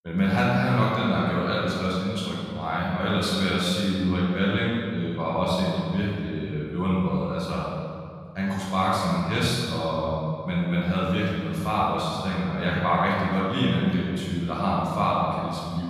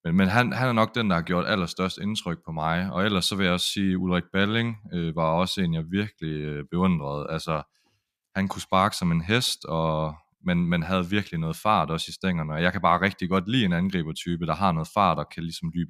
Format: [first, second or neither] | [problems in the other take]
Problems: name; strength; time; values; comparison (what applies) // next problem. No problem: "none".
second | off-mic speech; far // room echo; strong; dies away in 1.9 s